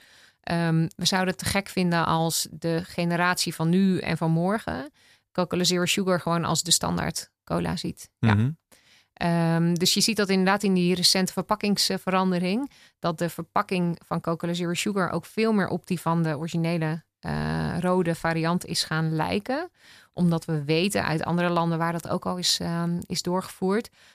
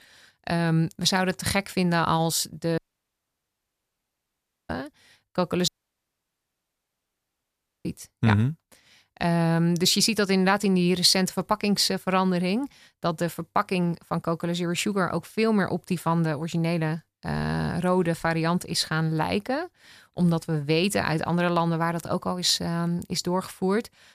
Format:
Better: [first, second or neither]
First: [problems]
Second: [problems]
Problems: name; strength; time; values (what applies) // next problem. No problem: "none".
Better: first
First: none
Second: audio cutting out; at 3 s for 2 s and at 5.5 s for 2 s